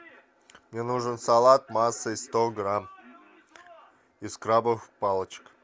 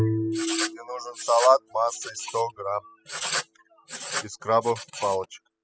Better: first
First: none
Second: noise reduction (classical method spectral subtraction)

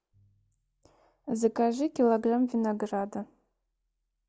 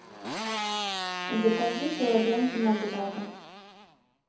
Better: first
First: none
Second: background sound (Motorcycle); 6 dB below the speech // room echo; dies away in 0.6 s

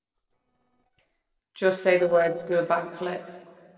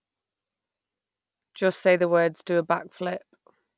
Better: second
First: noise reduction (neural separator model SepFormer DNS4)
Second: none

